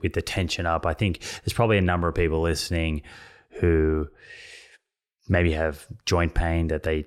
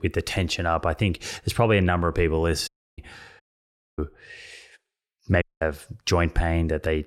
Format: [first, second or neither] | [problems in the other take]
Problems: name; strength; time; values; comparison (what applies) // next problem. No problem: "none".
first | audio cutting out; at 2.5 s, at 3.5 s for 0.5 s and at 5.5 s